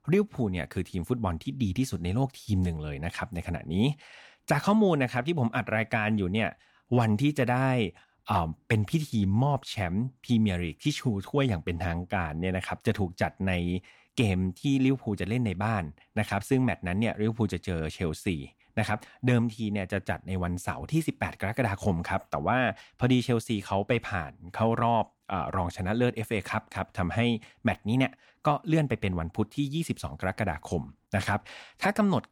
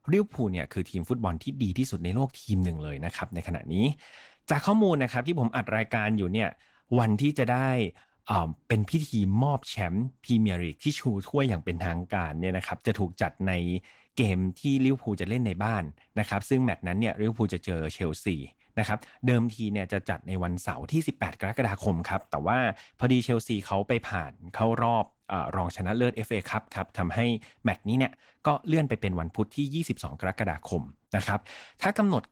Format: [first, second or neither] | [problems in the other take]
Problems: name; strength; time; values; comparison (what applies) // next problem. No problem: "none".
first | garbled, watery; slightly; nothing above 19 kHz